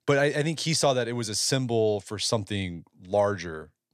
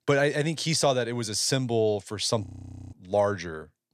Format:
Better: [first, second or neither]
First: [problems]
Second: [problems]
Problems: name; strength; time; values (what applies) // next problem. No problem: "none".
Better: first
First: none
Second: audio freezing; at 2.5 s